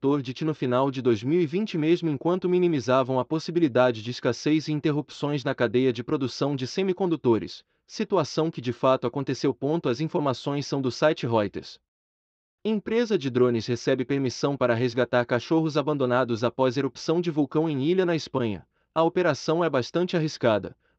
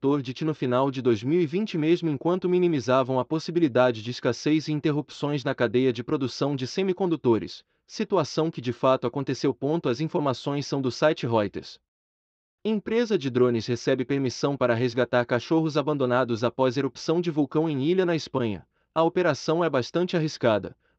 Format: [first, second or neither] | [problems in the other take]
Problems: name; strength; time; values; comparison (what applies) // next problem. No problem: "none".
neither | none